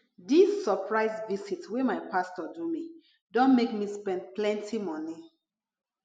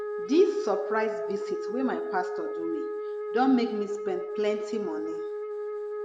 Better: first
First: none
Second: background sound (Wind instrument, woodwind instrument); 3 dB below the speech

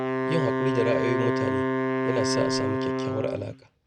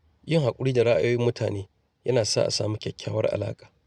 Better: second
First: background sound (Wind instrument, woodwind instrument); 3 dB above the speech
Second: none

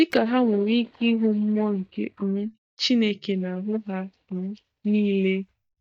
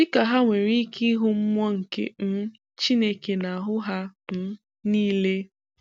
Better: second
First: noise reduction (neural mask model DeepFilterNet 3)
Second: none

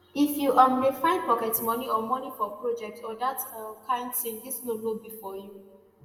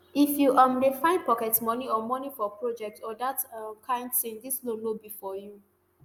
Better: second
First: room echo; dies away in 1.4 s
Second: none

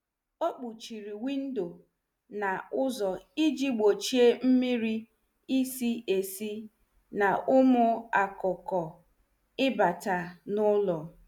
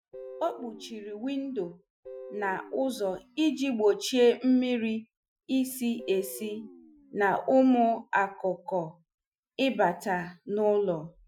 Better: first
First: none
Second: noise reduction (classical method Wiener filter)

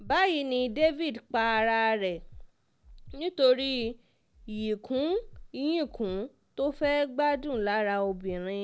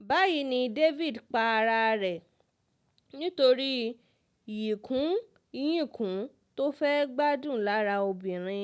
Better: second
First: background sound (Breathing); 20 dB below the speech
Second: none

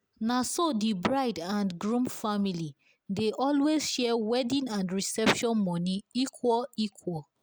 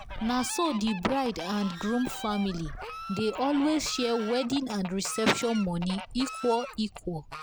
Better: first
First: none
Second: background sound (Fowl); 11 dB below the speech

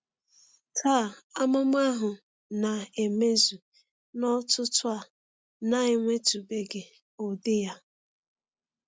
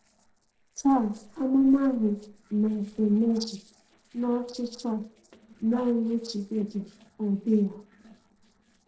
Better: first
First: none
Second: noise reduction (neural separator model SepFormer DNS4)

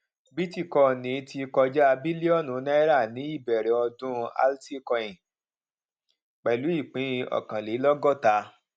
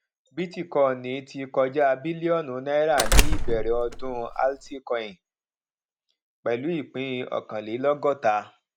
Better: first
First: none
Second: background sound (Door); 5 dB above the speech

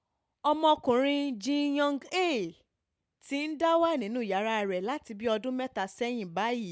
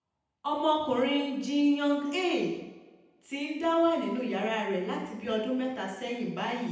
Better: first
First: none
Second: room echo; dies away in 0.9 s

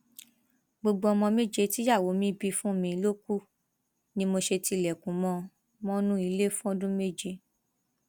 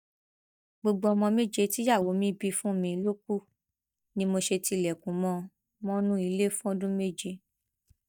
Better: first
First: none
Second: noise reduction (neural mask model DeepFilterNet 3)

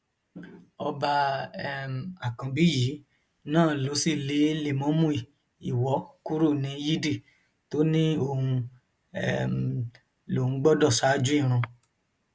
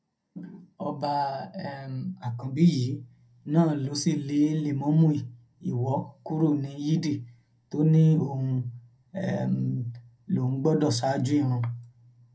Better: first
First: none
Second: room echo; dies away in 0.2 s

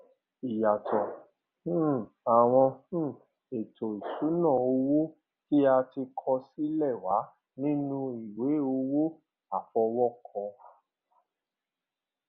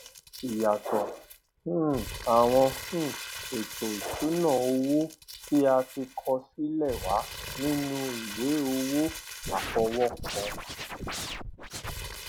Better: first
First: none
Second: background sound (Crumpling, crinkling + Scratching (performance technique)); 10 dB below the speech

